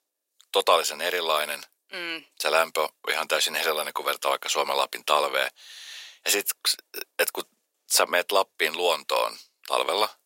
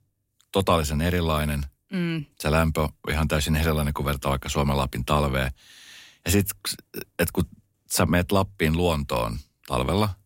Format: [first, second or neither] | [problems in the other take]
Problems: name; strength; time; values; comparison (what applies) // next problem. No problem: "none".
second | thin; very; fading below 450 Hz